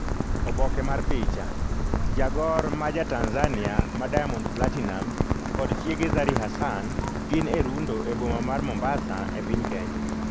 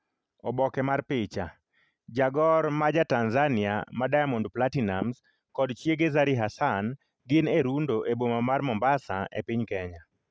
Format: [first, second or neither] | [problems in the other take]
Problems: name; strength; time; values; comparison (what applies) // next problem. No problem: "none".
second | background sound (Rain); 3 dB above the speech